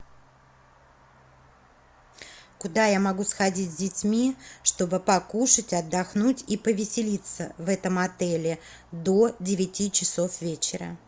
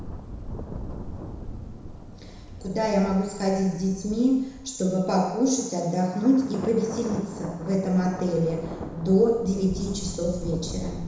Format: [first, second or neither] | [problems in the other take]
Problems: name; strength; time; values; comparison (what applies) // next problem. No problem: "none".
first | background sound (Thunder); 11 dB below the speech // room echo; dies away in 1 s